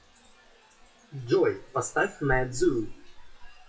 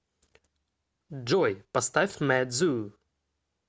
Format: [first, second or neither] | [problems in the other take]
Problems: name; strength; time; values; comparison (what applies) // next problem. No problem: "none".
second | noise reduction (classical method WPE with log-MMSE)